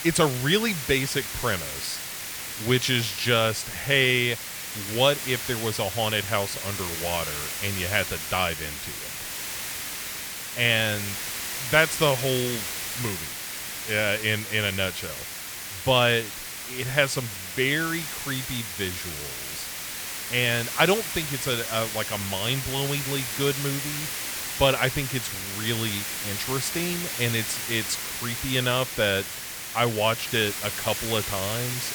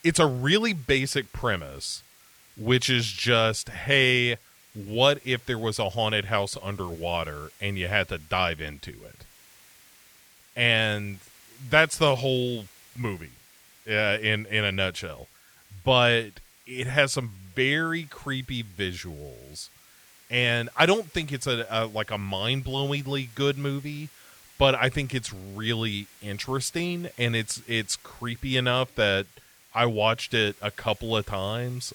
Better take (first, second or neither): second